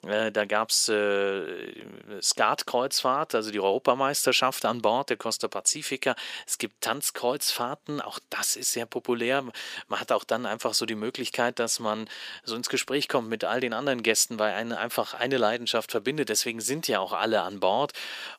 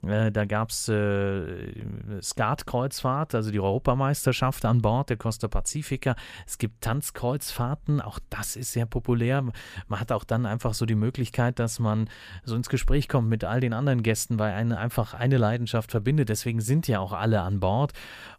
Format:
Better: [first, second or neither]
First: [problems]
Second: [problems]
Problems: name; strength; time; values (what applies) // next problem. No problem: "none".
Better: second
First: thin; somewhat; fading below 300 Hz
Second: none